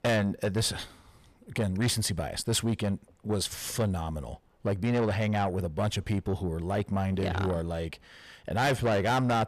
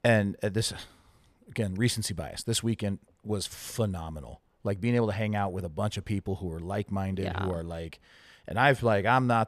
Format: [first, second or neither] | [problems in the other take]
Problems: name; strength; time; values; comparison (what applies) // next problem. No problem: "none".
second | distortion; heavy; 7 dB below the speech